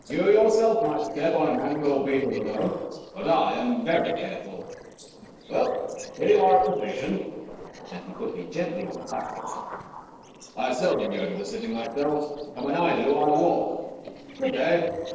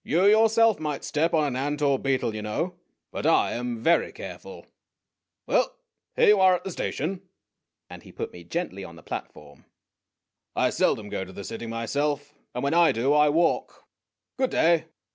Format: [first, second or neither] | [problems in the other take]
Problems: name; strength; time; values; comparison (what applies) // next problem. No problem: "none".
second | noise reduction (neural separator model SepFormer DNS4)